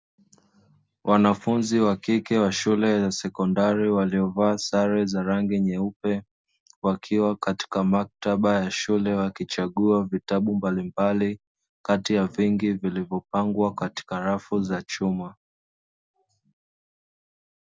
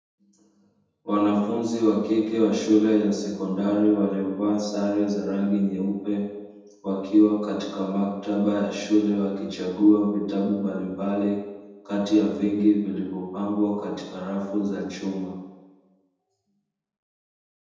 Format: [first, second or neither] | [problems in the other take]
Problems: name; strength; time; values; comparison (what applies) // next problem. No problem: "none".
first | room echo; dies away in 1.1 s